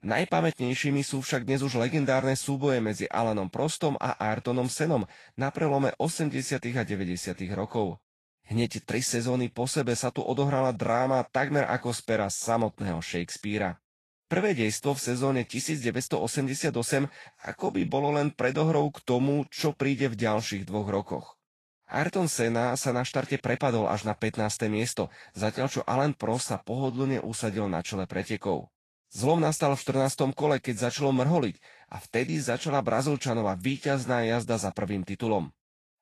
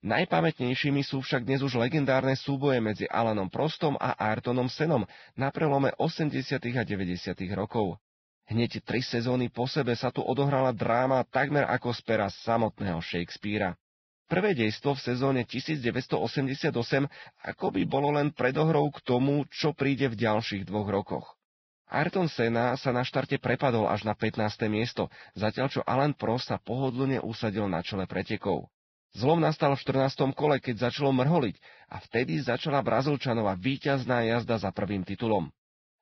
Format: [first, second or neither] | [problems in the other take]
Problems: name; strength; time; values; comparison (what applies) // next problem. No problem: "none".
first | garbled, watery; badly; nothing above 5.5 kHz; slightly in the first